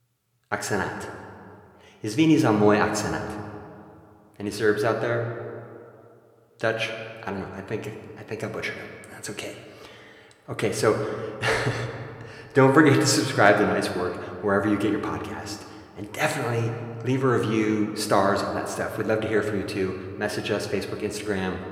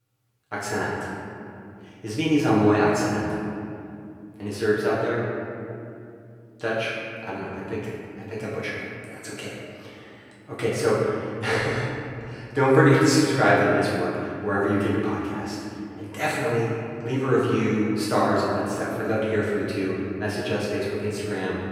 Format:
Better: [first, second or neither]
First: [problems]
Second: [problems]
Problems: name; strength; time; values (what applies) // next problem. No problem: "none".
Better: first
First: room echo; slight; dies away in 1.6 s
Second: room echo; strong; dies away in 2.6 s // off-mic speech; far